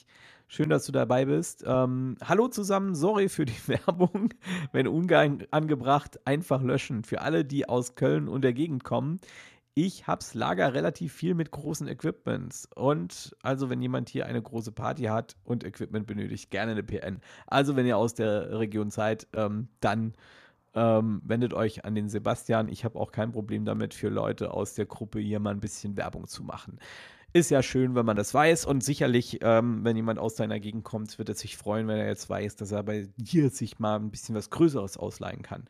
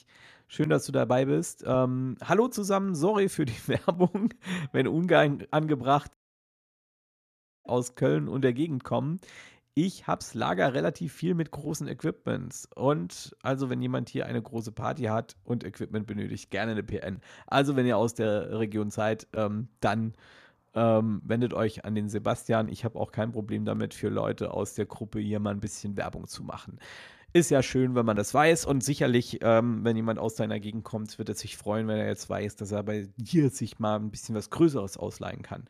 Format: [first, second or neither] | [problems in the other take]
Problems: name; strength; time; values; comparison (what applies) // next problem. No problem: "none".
first | audio cutting out; at 6 s for 1.5 s